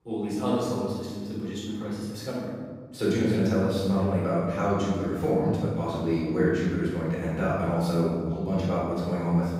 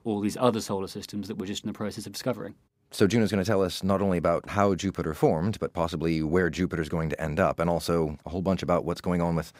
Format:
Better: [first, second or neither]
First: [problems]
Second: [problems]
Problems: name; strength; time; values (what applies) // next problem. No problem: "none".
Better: second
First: room echo; strong; dies away in 1.6 s // off-mic speech; far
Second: none